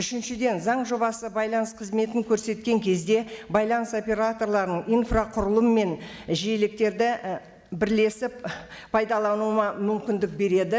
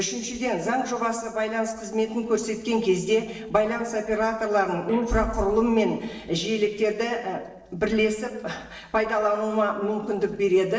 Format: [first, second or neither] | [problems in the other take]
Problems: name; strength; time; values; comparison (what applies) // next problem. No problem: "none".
first | noise reduction (neural separator model SepFormer DNS4)